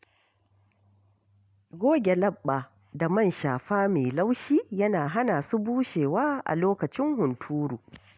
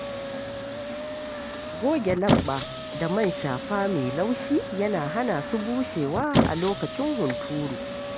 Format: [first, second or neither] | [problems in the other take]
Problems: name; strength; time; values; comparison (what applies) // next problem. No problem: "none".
first | background sound (Squeak); 2 dB below the speech